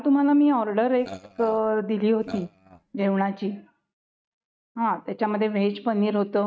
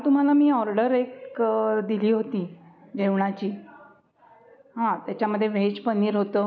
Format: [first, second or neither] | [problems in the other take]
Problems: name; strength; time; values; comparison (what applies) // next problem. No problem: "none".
second | noise reduction (neural mask model RNNoise)